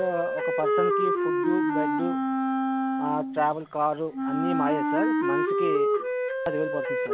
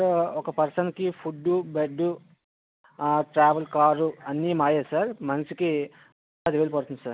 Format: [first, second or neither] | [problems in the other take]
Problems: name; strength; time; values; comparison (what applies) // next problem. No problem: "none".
second | background sound (Wind instrument, woodwind instrument); 4 dB above the speech